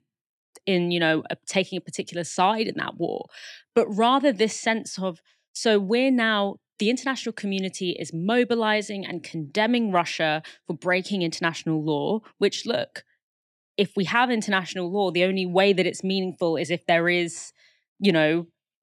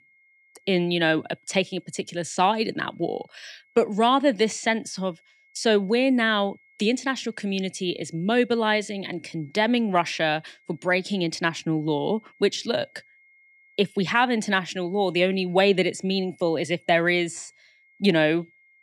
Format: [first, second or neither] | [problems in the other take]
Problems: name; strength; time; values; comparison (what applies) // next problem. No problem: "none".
first | high-pitched whine; faint; throughout; 2 kHz, 35 dB below the speech